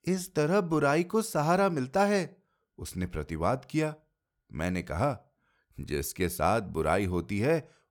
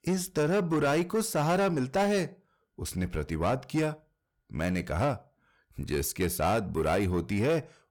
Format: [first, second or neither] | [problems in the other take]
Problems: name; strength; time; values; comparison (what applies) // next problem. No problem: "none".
first | distortion; slight; 10 dB below the speech